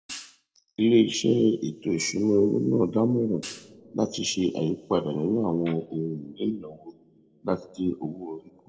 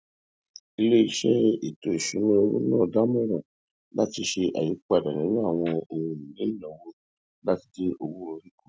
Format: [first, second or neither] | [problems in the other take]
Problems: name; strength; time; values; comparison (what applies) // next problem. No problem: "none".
second | noise reduction (neural separator model SepFormer DNS4)